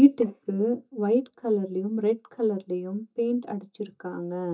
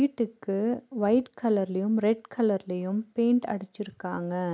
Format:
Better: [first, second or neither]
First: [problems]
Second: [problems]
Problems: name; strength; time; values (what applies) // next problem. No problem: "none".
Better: second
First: noise reduction (neural mask model DeepFilterNet 3)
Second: none